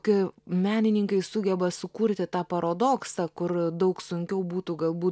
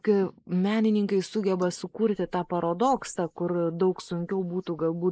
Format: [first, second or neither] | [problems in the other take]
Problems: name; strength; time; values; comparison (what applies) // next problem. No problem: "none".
first | noise reduction (neural mask model Resemble Enhance denoiser)